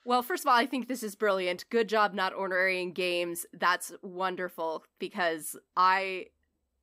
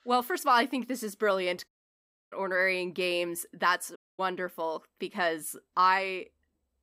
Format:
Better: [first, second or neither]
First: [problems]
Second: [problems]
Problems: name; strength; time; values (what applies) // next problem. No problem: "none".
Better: first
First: none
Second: audio cutting out; at 1.5 s for 0.5 s and at 4 s